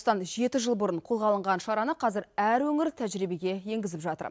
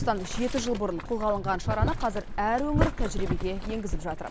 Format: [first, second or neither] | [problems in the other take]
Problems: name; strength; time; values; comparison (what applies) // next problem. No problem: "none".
first | background sound (Boiling); 1 dB below the speech